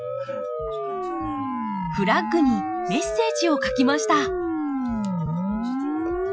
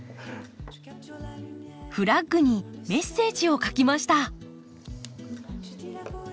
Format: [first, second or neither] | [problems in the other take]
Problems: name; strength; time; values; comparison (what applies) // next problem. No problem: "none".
second | noise reduction (classical method Wiener filter)